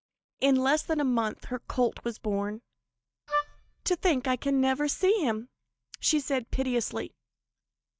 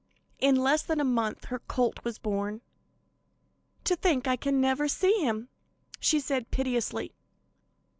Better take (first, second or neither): second